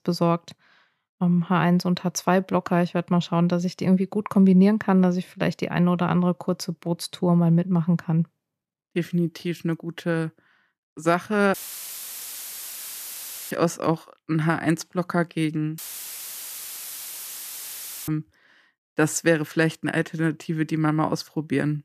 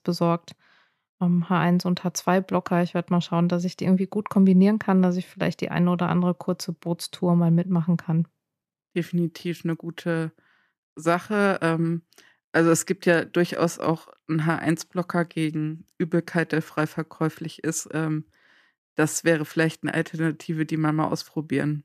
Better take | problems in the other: second | audio cutting out; filled with static; at 12 s for 2 s and at 16 s for 2.5 s

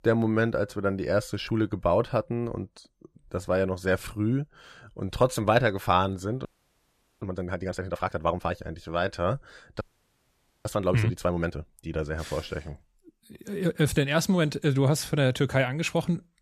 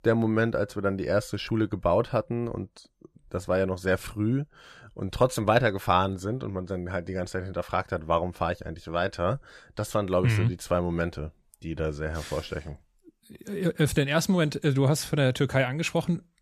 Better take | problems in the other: second | audio freezing; at 6.5 s for 1 s and at 10 s for 1 s

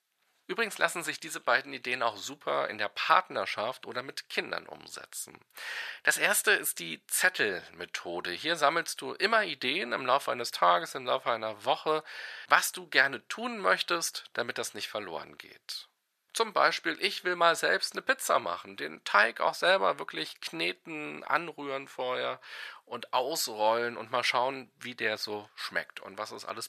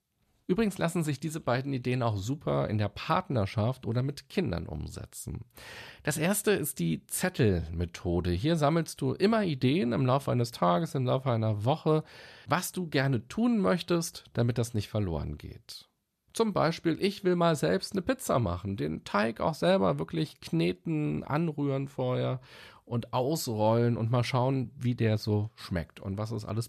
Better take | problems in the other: second | thin; very; fading below 650 Hz

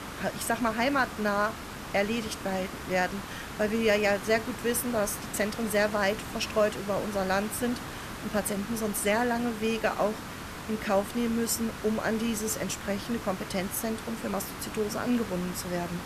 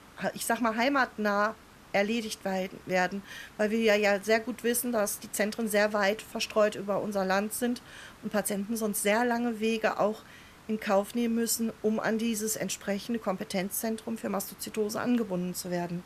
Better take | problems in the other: second | hiss; loud; throughout; 9 dB below the speech; faint in the second

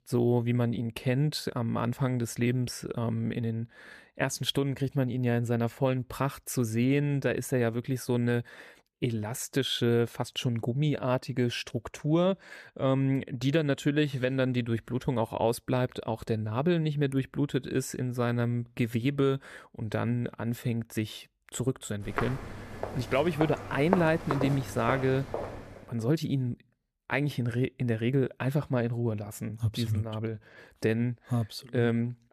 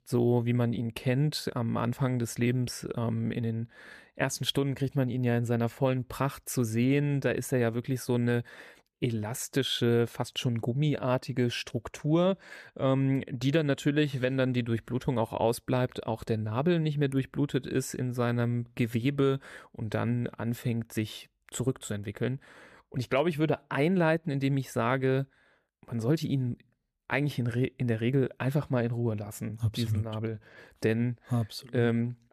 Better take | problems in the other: second | footsteps; noticeable; from 22 to 25 s; peak 2 dB below the speech

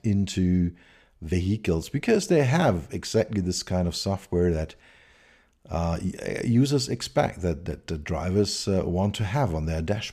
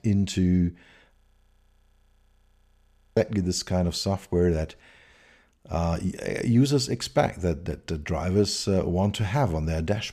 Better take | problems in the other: first | audio freezing; at 1 s for 2 s

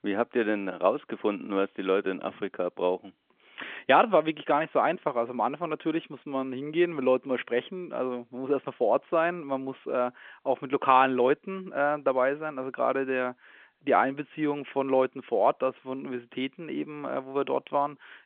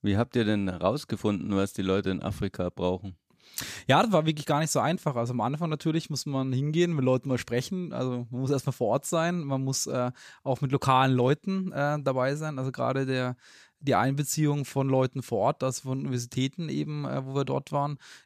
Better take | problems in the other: second | phone-call audio; nothing above 3.5 kHz

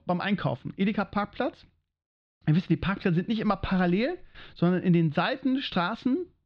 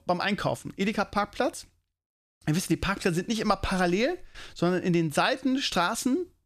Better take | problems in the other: second | muffled; slightly; fading above 4 kHz

